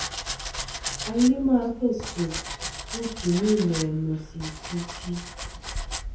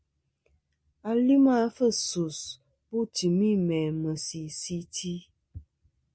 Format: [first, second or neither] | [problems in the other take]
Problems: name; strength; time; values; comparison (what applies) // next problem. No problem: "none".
second | background sound (Domestic sounds, home sounds); 7 dB below the speech // room echo; dies away in 0.5 s